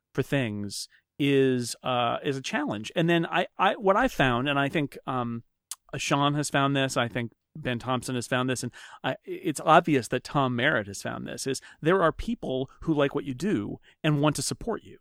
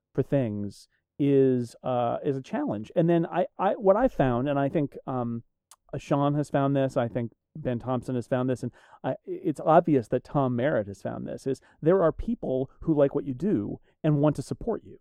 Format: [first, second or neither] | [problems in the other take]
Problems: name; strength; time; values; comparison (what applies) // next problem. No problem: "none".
first | muffled; very; fading above 1 kHz